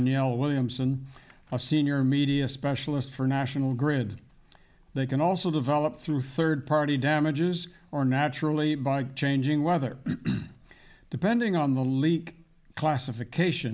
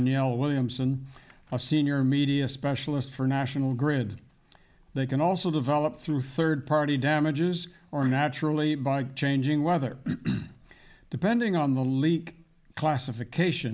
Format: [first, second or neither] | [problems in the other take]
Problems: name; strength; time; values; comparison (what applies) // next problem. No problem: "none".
first | noise reduction (neural mask model Resemble Enhance denoiser)